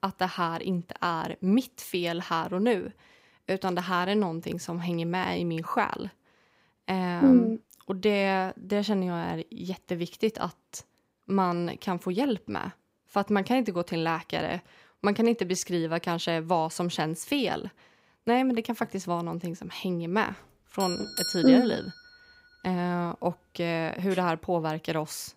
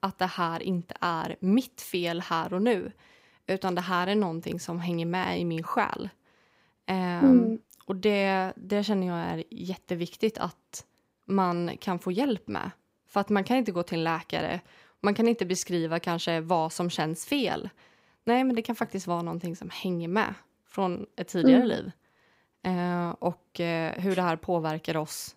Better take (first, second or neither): second